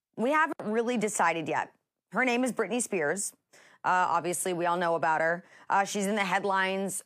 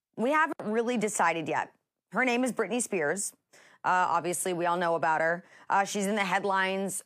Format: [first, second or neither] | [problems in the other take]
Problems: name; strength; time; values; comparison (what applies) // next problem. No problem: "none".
neither | none